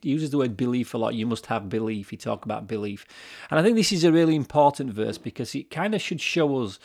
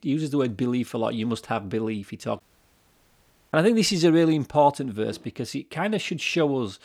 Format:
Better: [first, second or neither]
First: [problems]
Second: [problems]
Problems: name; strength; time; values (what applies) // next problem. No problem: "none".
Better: first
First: none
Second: audio cutting out; at 2.5 s for 1 s